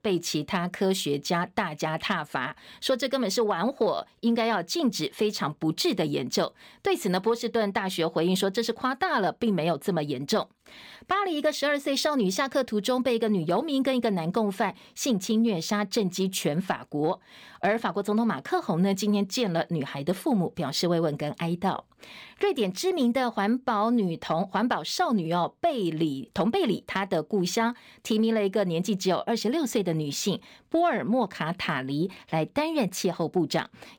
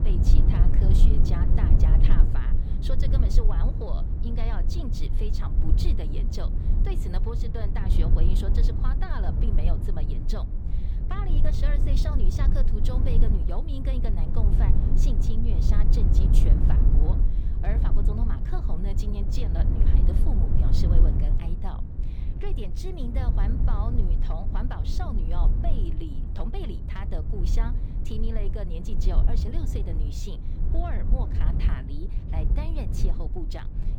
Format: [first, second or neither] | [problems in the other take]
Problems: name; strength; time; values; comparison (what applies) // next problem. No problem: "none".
first | low rumble; loud; throughout; 1 dB below the speech